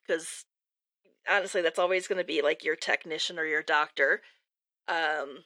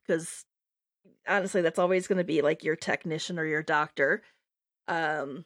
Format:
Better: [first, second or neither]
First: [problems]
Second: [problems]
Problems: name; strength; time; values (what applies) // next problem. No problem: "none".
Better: second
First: thin; somewhat; fading below 450 Hz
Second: none